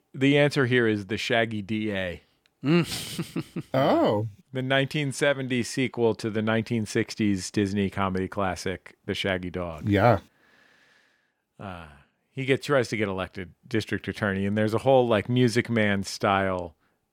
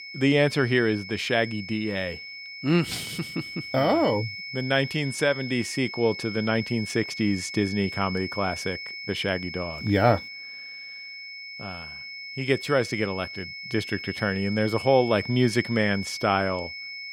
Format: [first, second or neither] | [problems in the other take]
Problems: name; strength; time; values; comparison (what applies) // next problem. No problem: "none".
first | high-pitched whine; loud; throughout; 2 kHz, 10 dB below the speech